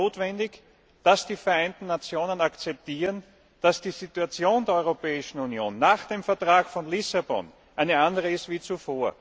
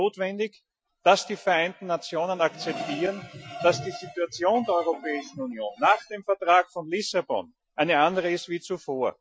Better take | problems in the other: first | noise reduction (classical method Wiener filter)

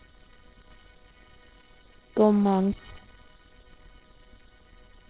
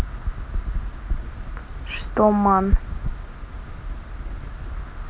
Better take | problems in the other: second | noise reduction (neural separator model SepFormer WHAMR!)

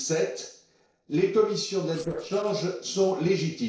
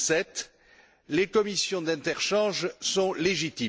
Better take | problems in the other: second | noise reduction (neural separator model SepFormer DNS4)

